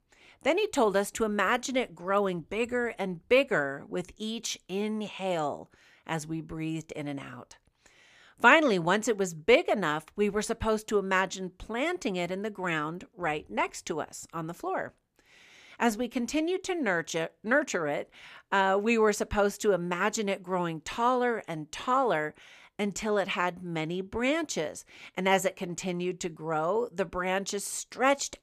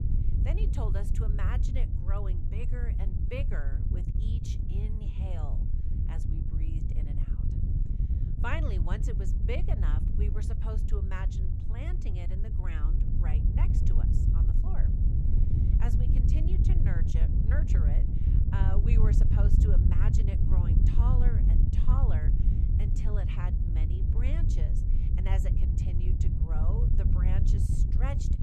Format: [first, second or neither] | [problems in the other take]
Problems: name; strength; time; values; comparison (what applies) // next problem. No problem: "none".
first | wind noise on the microphone; heavy; as loud as the speech